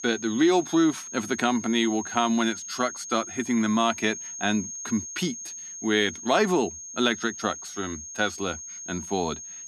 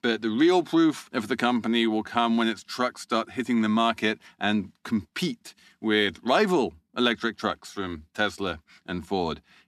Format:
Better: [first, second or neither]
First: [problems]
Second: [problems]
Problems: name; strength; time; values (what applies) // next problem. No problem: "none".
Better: second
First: high-pitched whine; loud; throughout; 6.5 kHz, 10 dB below the speech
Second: none